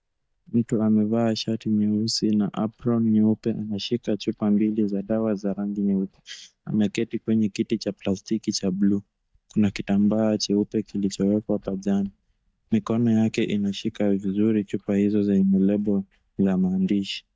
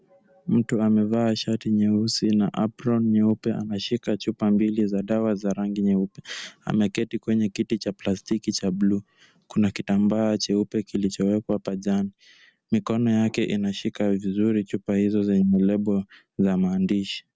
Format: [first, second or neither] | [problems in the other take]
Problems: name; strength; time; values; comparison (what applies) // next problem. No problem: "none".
second | noise reduction (neural mask model DeepFilterNet 3)